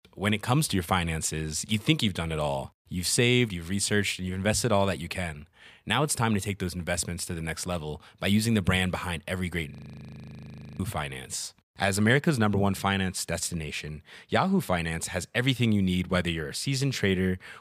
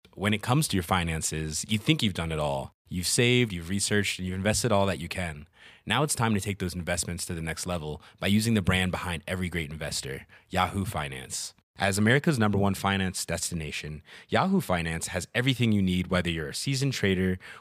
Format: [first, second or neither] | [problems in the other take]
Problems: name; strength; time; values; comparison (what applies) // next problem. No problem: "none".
second | audio freezing; at 9.5 s for 1 s